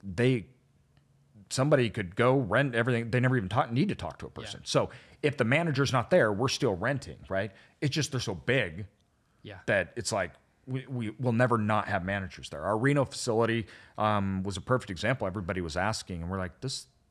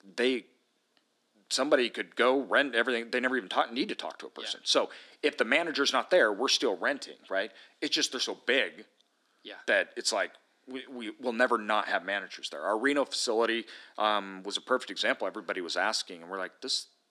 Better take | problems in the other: first | thin; somewhat; fading below 250 Hz

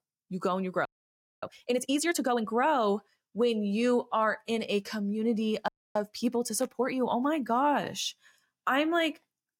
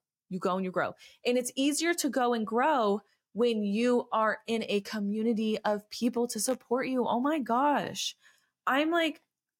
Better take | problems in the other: second | audio freezing; at 1 s for 0.5 s and at 5.5 s

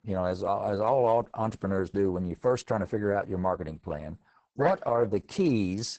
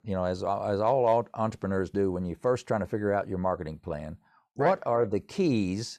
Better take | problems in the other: second | garbled, watery; badly; nothing above 8 kHz

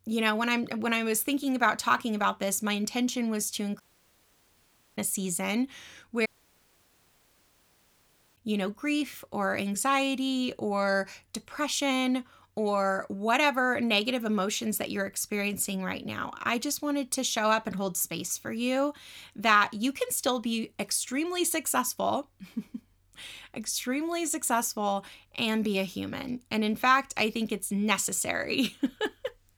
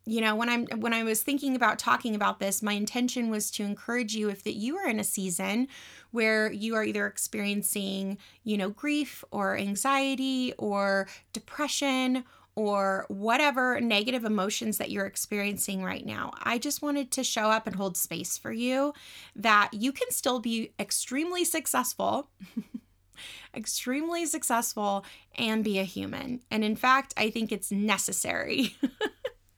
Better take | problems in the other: second | audio cutting out; at 4 s for 1 s and at 6.5 s for 2 s

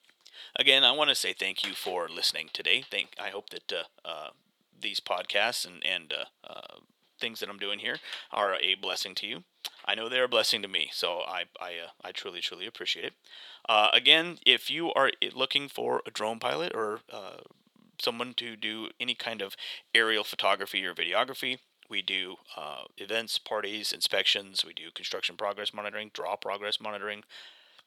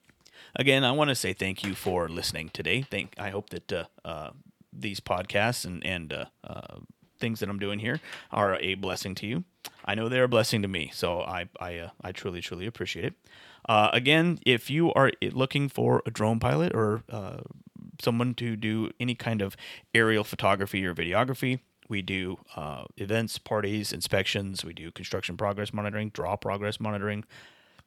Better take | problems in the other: second | thin; somewhat; fading below 450 Hz

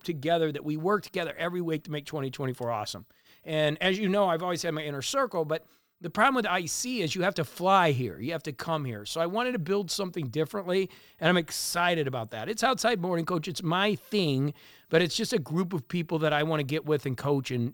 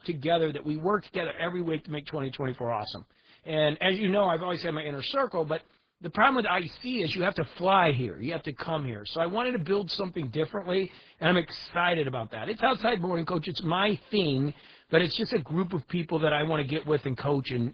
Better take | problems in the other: first | garbled, watery; badly

